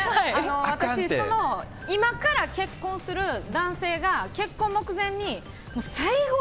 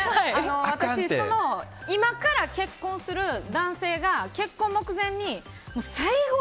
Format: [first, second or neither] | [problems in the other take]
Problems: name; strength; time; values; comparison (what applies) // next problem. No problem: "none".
second | background sound (Subway, metro, underground); 16 dB below the speech